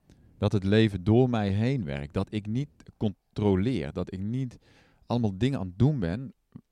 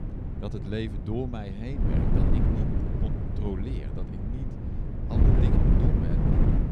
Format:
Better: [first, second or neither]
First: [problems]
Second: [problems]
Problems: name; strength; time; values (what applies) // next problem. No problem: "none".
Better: first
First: none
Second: wind noise on the microphone; heavy; 4 dB above the speech